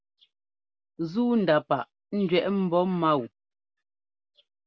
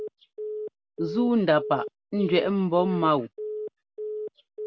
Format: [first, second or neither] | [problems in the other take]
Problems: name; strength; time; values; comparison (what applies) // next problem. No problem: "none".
first | background sound (Telephone); 9 dB below the speech